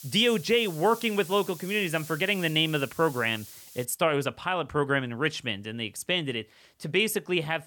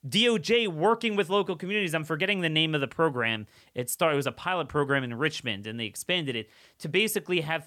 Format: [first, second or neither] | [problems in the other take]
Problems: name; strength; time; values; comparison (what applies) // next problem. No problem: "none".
second | hiss; noticeable; until 4 s; 15 dB below the speech